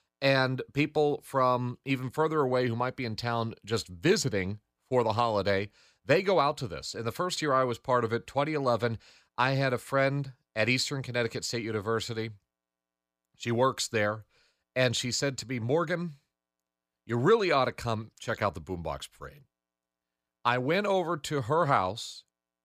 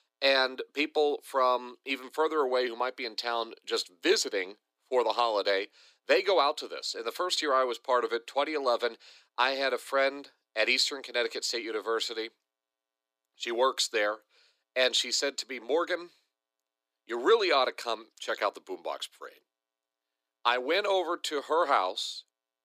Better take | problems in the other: first | thin; somewhat; fading below 300 Hz

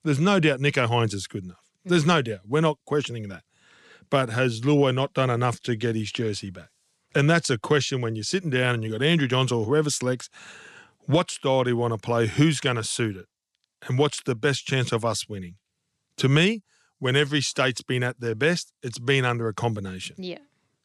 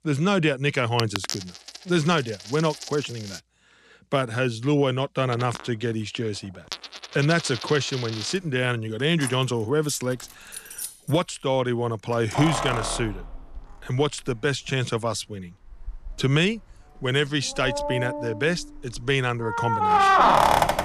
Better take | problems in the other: first | household noises; loud; throughout; 1 dB below the speech

